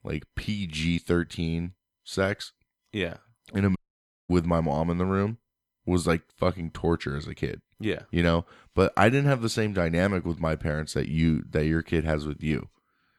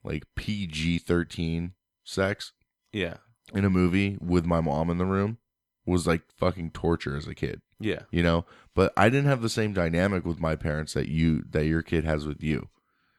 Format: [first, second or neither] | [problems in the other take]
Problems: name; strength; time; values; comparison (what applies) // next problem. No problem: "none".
second | audio cutting out; at 4 s for 0.5 s